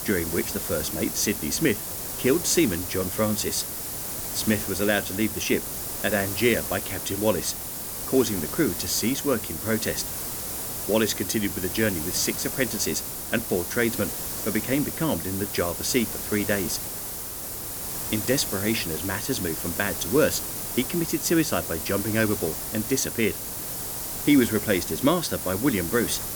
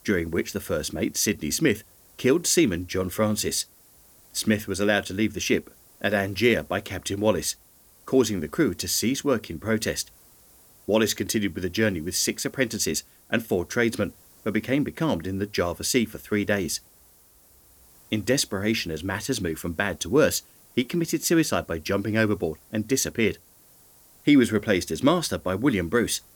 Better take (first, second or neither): second